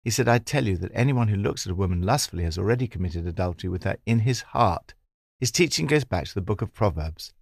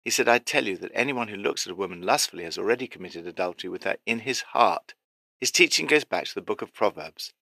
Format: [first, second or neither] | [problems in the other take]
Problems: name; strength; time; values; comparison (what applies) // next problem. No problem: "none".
first | thin; somewhat; fading below 300 Hz